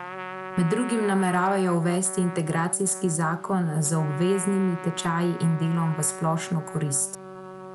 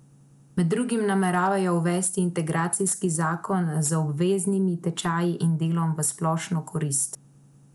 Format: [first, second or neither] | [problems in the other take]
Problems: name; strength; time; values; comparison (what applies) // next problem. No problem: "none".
second | background sound (Trumpet); 12 dB below the speech